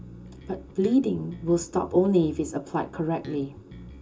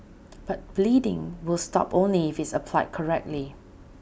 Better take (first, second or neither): second